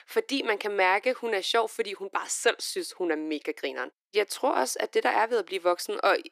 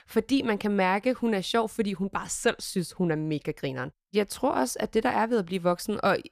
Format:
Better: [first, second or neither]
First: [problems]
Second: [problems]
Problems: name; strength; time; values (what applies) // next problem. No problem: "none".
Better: second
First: thin; somewhat; fading below 300 Hz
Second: none